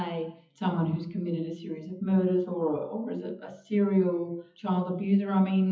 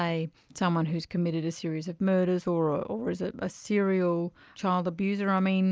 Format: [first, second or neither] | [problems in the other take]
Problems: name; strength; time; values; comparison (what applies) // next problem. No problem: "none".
second | noise reduction (classical method WPE with log-MMSE)